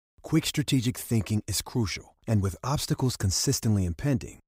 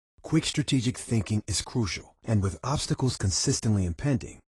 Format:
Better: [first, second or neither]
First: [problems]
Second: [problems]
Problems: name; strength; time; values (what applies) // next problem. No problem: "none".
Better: first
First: none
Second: garbled, watery; slightly; nothing above 10 kHz